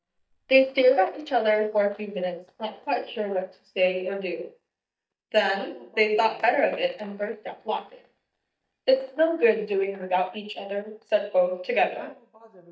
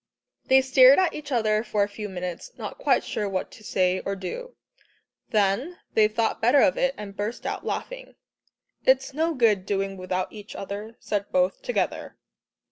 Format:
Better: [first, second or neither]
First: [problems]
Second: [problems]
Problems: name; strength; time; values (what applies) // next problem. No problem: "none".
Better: second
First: noise reduction (neural mask model DeepFilterNet 3)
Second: none